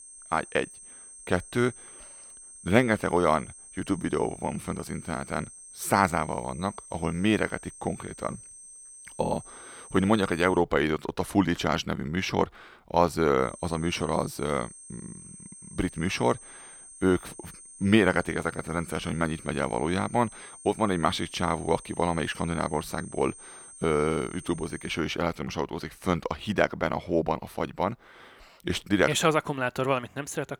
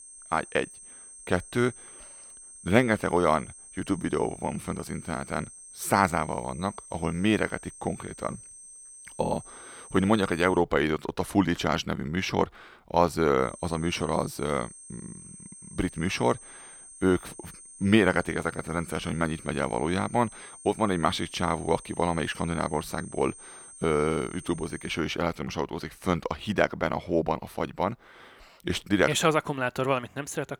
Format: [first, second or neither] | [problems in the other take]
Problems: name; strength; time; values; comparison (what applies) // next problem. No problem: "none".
neither | high-pitched whine; noticeable; until 11 s and from 13 to 25 s; 8.5 kHz, 15 dB below the speech; the same in both